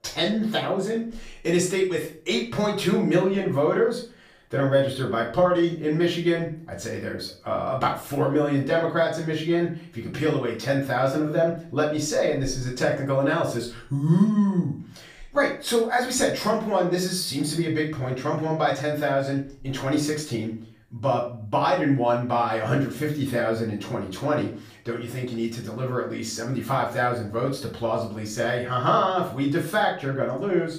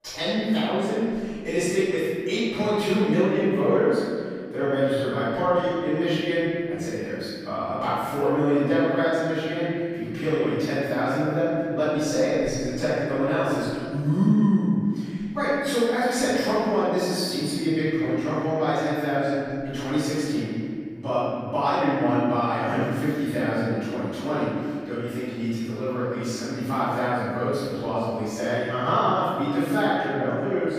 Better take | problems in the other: first | room echo; strong; dies away in 2.2 s; slight in the first // off-mic speech; far; far in the first

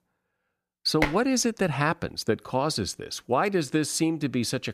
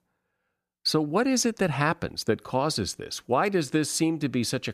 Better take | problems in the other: second | clattering dishes; noticeable; at 1 s; peak 3 dB below the speech

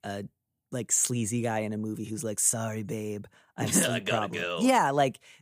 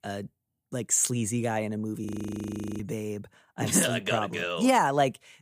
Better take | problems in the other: first | audio freezing; at 2 s for 0.5 s

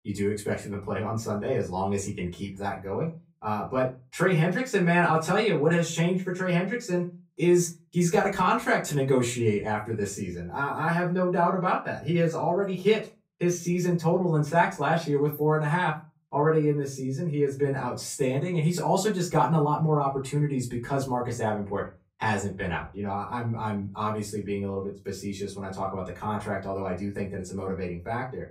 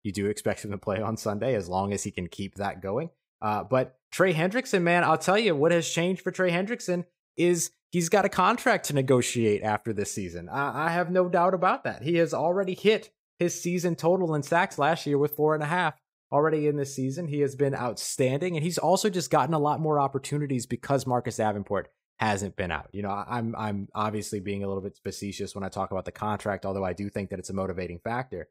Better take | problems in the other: second | off-mic speech; far // room echo; very slight; dies away in 0.2 s

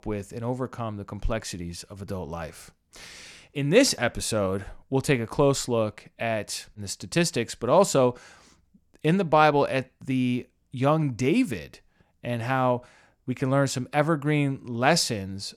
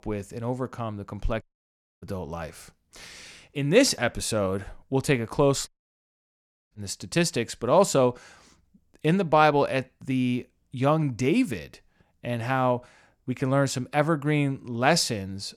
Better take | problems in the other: first | audio cutting out; at 1.5 s for 0.5 s and at 5.5 s for 1 s

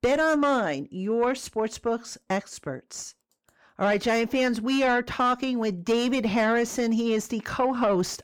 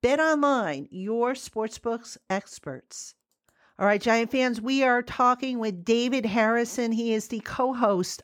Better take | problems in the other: second | distortion; slight; 10 dB below the speech

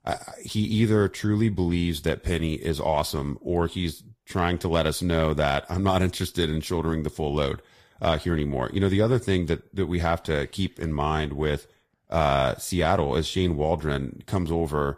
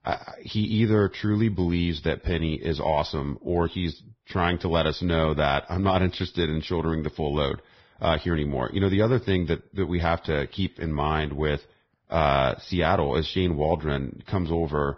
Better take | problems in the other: first | garbled, watery; badly; nothing above 5.5 kHz; slightly in the first

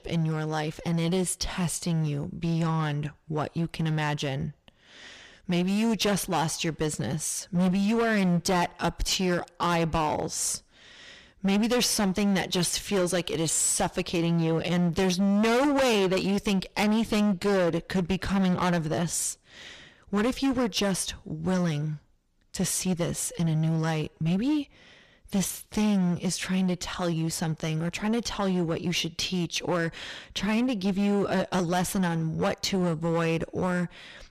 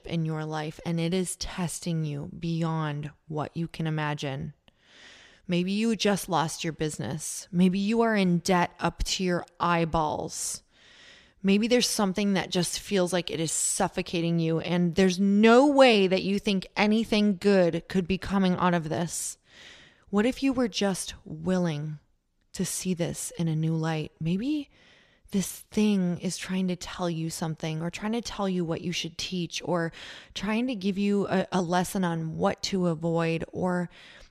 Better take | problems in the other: second | distortion; heavy; 14% of the sound clipped

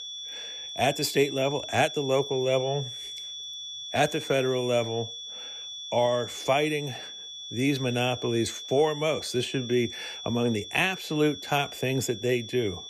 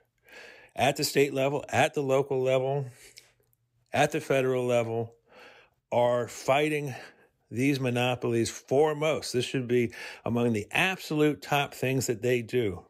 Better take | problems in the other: second | high-pitched whine; loud; throughout; 3.5 kHz, 9 dB below the speech

